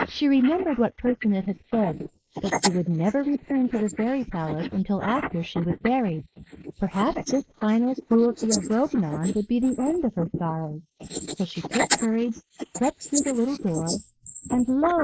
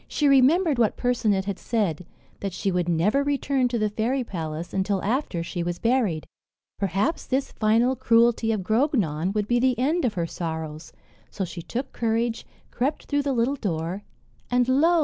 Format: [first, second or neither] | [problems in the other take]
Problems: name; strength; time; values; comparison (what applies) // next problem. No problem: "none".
second | noise reduction (neural mask model Resemble Enhance denoiser)